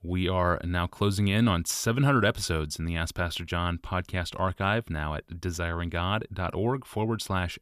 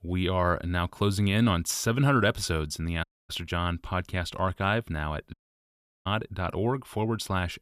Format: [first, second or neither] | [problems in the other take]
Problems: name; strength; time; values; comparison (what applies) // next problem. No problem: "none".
first | audio cutting out; at 3 s and at 5.5 s for 0.5 s